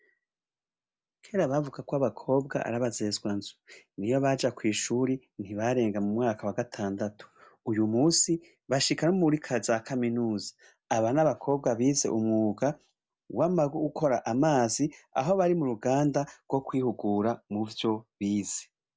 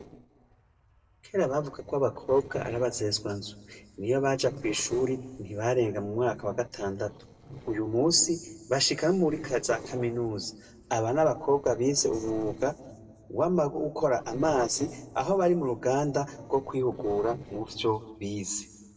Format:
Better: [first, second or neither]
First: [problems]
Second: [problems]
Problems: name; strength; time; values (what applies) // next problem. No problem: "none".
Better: first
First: none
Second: noise reduction (neural separator model SepFormer DNS4)